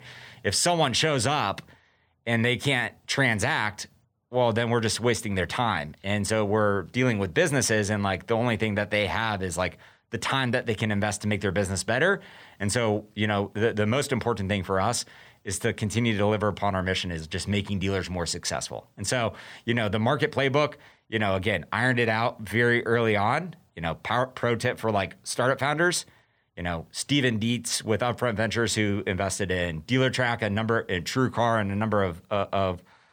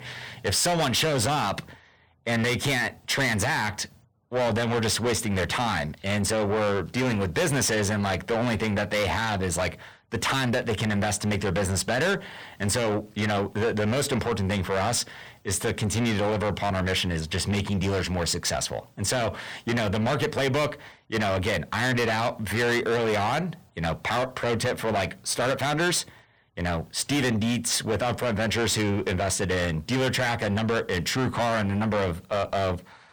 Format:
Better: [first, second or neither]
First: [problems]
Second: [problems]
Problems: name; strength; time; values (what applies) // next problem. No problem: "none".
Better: first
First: none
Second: distortion; heavy; 5 dB below the speech